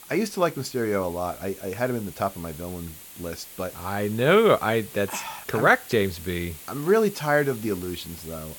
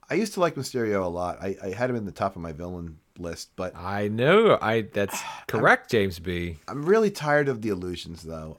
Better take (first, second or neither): second